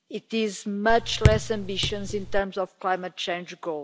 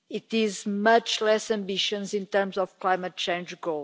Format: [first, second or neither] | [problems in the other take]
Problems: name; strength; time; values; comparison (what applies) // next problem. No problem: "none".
second | background sound (Raindrop / Drip); 2 dB above the speech